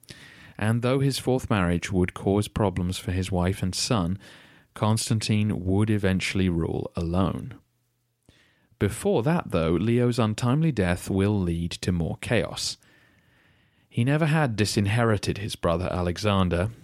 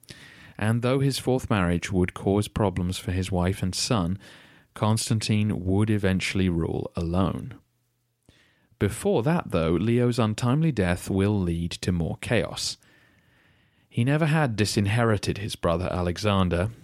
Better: neither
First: none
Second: none

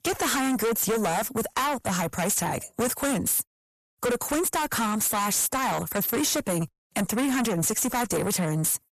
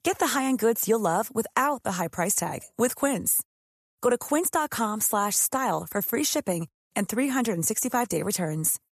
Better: second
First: distortion; heavy; 6 dB below the speech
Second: none

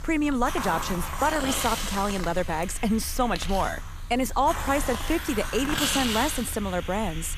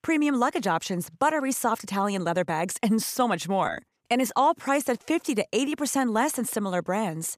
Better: second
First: hiss; loud; throughout; 5 dB below the speech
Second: none

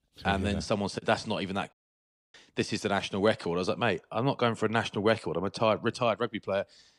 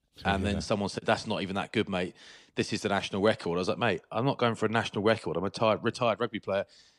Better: second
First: audio cutting out; at 1.5 s for 0.5 s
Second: none

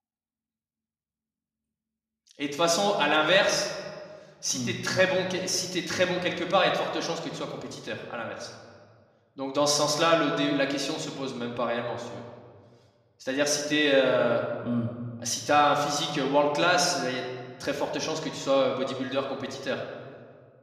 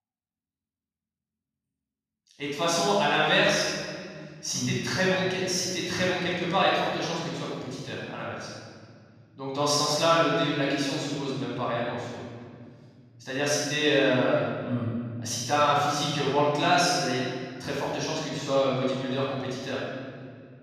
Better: first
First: room echo; slight; dies away in 1.5 s // off-mic speech; somewhat distant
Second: room echo; strong; dies away in 2.4 s // off-mic speech; far

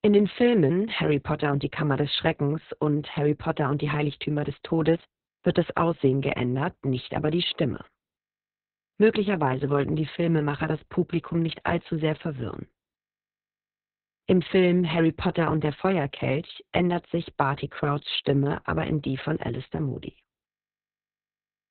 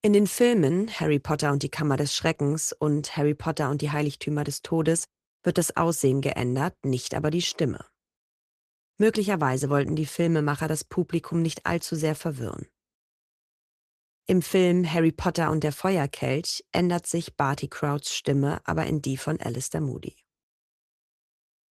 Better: second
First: garbled, watery; badly; nothing above 4 kHz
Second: garbled, watery; slightly; nothing above 13.5 kHz

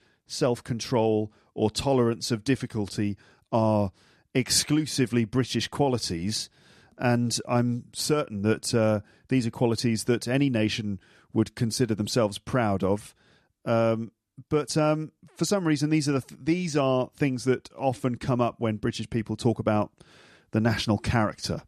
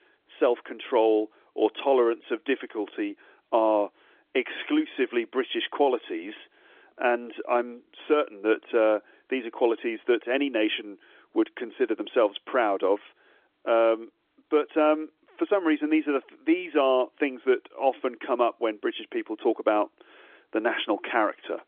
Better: first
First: none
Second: phone-call audio; nothing above 3.5 kHz

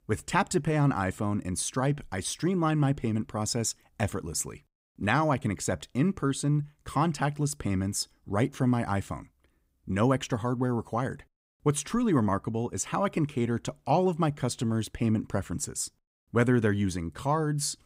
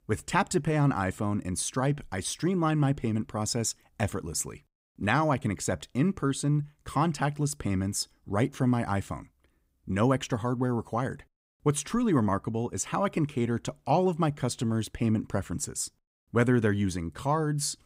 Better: neither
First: none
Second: none

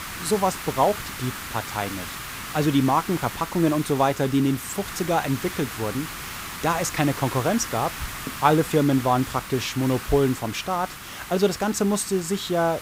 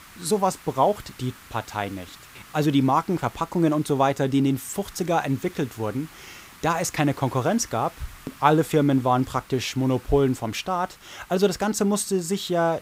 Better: second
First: hiss; loud; throughout; 10 dB below the speech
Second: hiss; faint; throughout; 20 dB below the speech

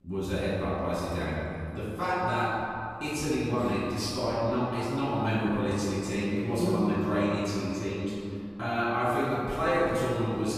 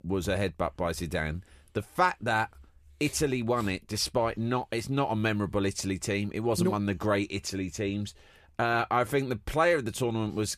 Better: second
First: off-mic speech; far // room echo; strong; dies away in 2.6 s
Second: none

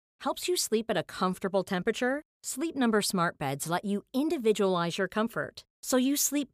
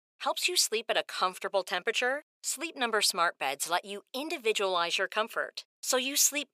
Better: first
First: none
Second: thin; very; fading below 600 Hz

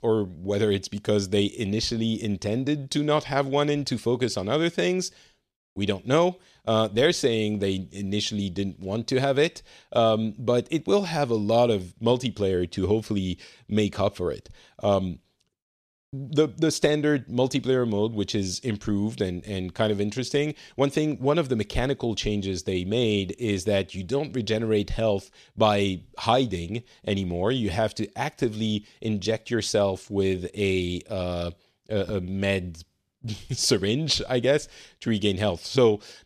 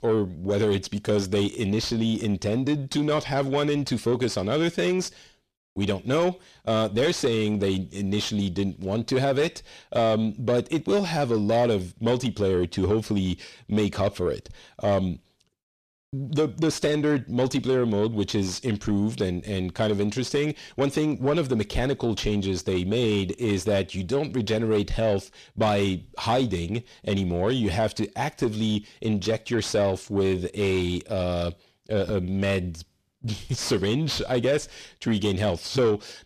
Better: first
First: none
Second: distortion; slight; 10 dB below the speech

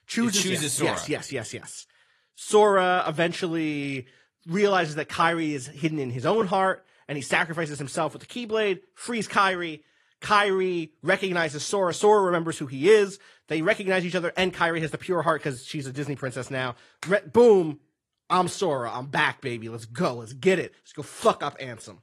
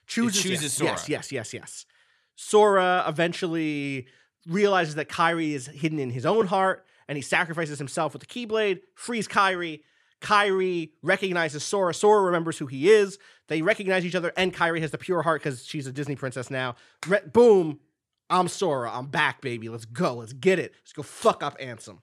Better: second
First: garbled, watery; slightly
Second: none

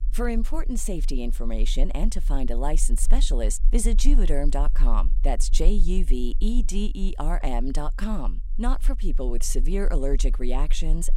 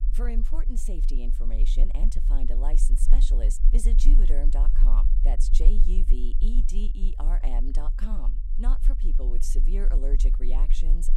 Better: first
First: low rumble; faint; throughout; 20 dB below the speech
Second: low rumble; loud; throughout; 10 dB below the speech

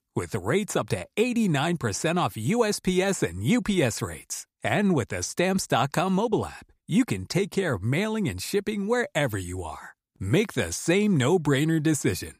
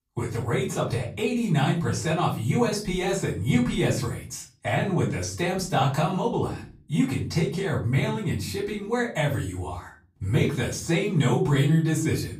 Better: first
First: none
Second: off-mic speech; far // room echo; slight; dies away in 0.4 s

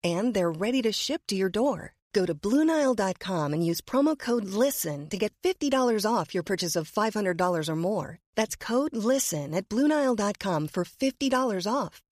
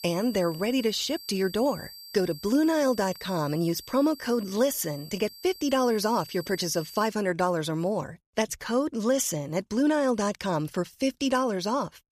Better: first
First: none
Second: high-pitched whine; noticeable; until 7 s; 4.5 kHz, 15 dB below the speech

